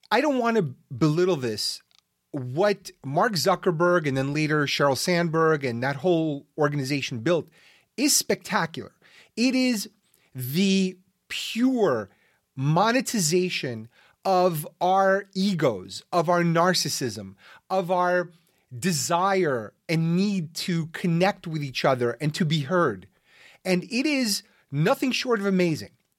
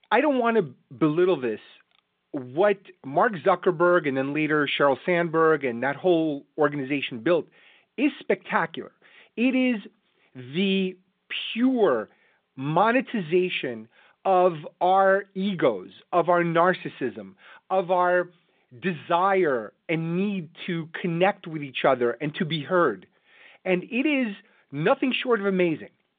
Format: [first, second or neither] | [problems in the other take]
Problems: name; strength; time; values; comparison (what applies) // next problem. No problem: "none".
first | phone-call audio; nothing above 3.5 kHz